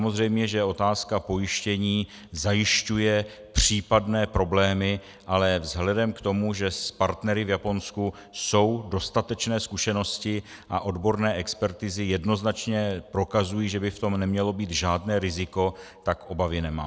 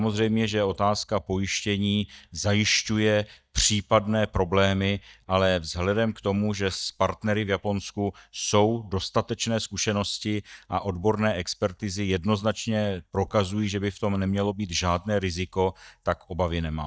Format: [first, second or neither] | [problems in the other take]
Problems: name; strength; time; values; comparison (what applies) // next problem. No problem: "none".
first | noise reduction (neural mask model DeepFilterNet 3)